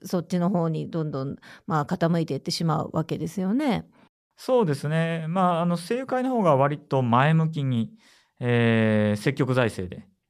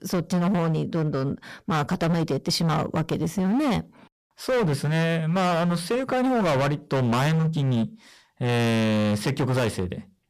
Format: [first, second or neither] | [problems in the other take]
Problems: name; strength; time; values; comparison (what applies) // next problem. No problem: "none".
first | distortion; heavy; 25% of the sound clipped